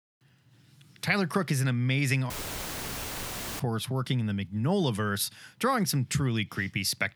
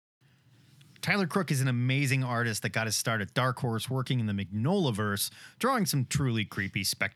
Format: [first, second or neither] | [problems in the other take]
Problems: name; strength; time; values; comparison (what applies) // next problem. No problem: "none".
second | audio cutting out; filled with static; at 2.5 s for 1.5 s